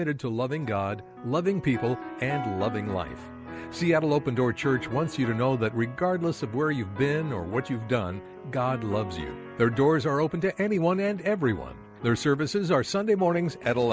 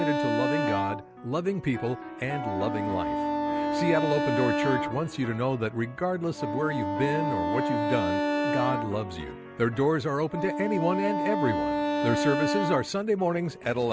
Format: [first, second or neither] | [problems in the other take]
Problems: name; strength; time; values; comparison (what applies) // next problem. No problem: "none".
first | background sound (Wind instrument, woodwind instrument); 1 dB below the speech